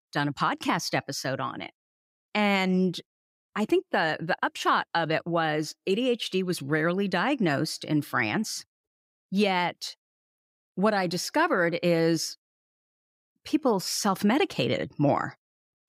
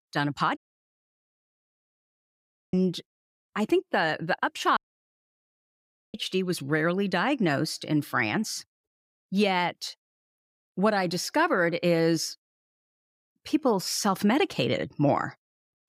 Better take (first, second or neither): first